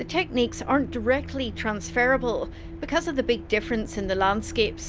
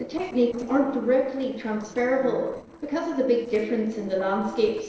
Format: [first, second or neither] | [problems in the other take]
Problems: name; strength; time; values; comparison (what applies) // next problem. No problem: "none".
first | noise reduction (neural separator model SepFormer DNS4)